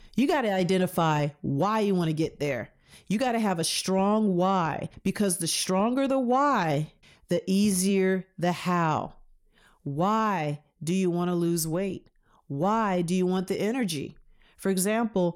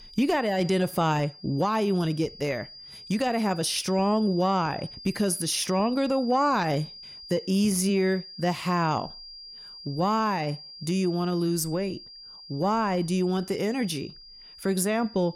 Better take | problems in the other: first | high-pitched whine; noticeable; throughout; 5 kHz, 15 dB below the speech

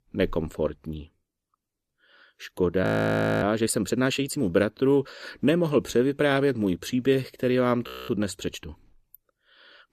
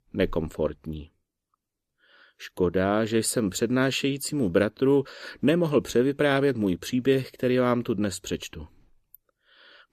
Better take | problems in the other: second | audio freezing; at 3 s for 0.5 s and at 8 s

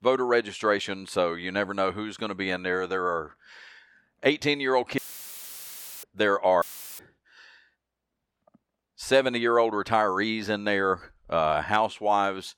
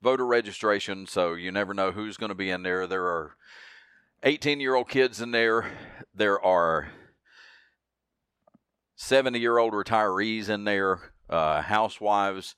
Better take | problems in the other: second | audio cutting out; filled with static; at 5 s for 1 s and at 6.5 s

